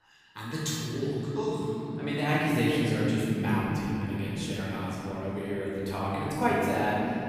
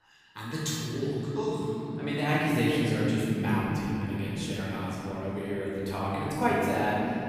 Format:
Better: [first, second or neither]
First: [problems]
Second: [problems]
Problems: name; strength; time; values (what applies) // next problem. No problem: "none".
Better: neither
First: room echo; strong; dies away in 3 s // off-mic speech; far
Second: room echo; strong; dies away in 3 s // off-mic speech; far